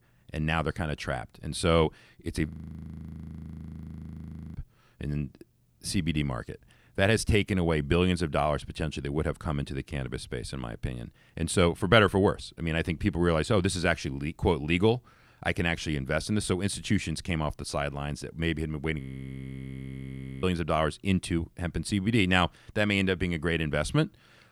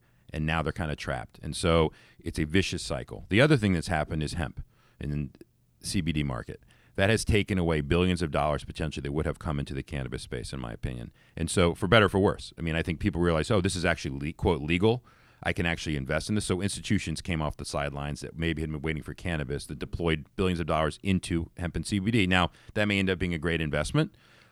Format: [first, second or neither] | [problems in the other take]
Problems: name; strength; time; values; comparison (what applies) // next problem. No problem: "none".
second | audio freezing; at 2.5 s for 2 s and at 19 s for 1.5 s